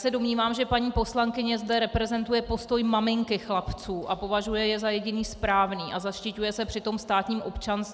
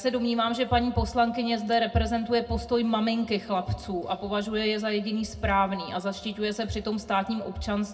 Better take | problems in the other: first | room echo; dies away in 0.2 s

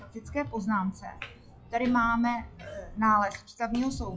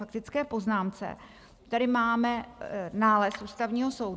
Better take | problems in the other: second | noise reduction (classical method WPE with log-MMSE)

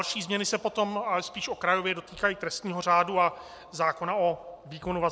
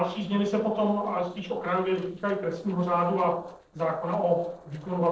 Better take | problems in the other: first | noise reduction (neural separator model SepFormer DNS4)

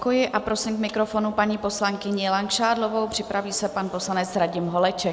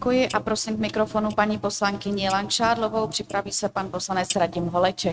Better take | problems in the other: first | noise reduction (neural mask model RNNoise)

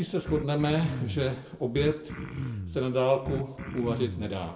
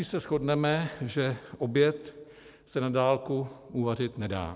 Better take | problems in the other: second | background sound (Cough); 8 dB below the speech // room echo; dies away in 0.4 s

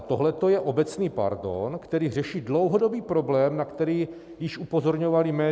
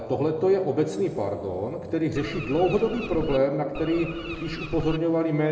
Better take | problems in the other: first | background sound (Bird); 10 dB below the speech // room echo; dies away in 2.1 s

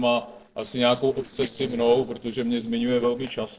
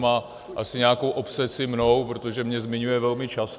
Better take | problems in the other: second | noise reduction (neural separator model SepFormer DNS4)

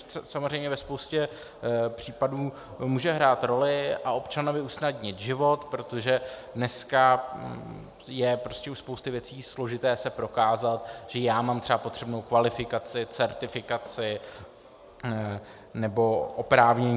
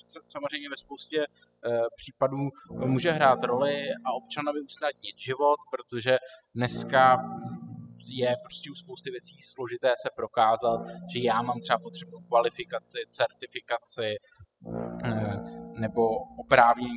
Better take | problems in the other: first | noise reduction (classical method spectral subtraction)

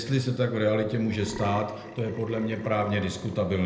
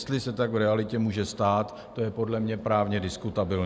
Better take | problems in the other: second | background sound (Burping, eructation); 16 dB below the speech // room echo; dies away in 0.8 s

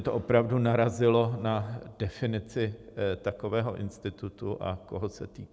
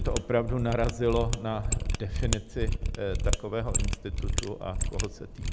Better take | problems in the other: first | background sound (Mechanisms); 2 dB above the speech

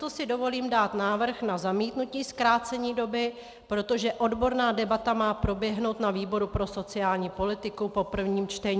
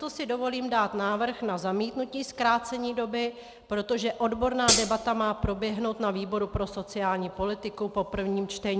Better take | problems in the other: first | background sound (Hi-hat); 3 dB above the speech

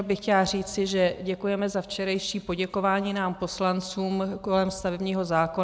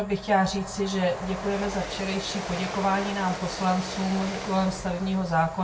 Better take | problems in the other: first | background sound (Train); 9 dB below the speech // room echo; dies away in 0.2 s

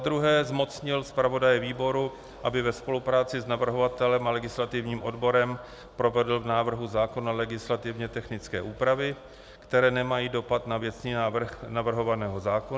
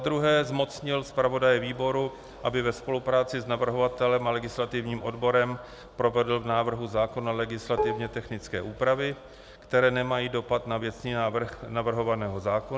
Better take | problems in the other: first | background sound (Dishes, pots, and pans); 6 dB below the speech

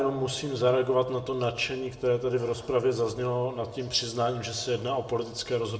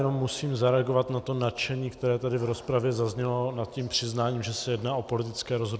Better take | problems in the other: second | room echo; dies away in 0.6 s

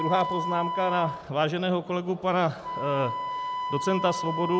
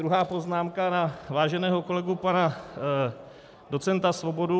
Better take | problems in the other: second | background sound (Wind instrument, woodwind instrument); 5 dB below the speech

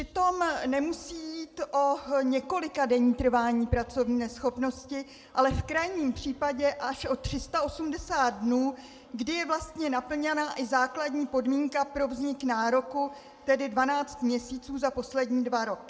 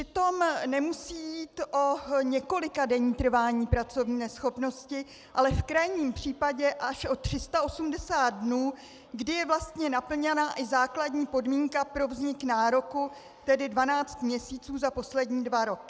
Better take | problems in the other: second | room echo; dies away in 1.3 s

